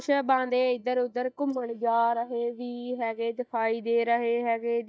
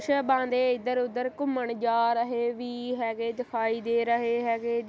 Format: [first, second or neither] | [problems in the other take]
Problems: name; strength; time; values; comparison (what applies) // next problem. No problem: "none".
second | noise reduction (neural mask model DeepFilterNet 3)